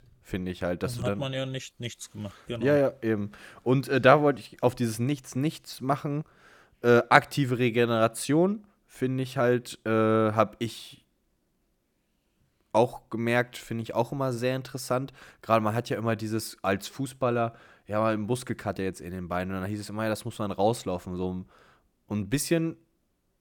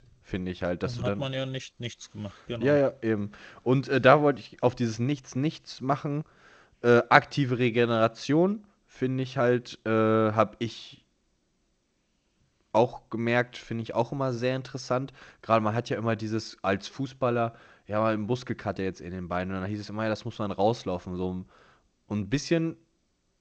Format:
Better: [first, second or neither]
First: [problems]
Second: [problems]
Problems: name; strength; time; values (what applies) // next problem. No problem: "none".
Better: first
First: none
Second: garbled, watery; slightly